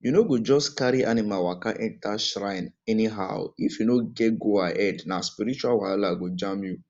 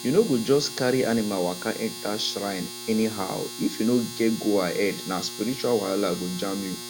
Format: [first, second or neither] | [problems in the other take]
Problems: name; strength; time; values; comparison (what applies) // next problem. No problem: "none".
first | background sound (Domestic sounds, home sounds); 12 dB below the speech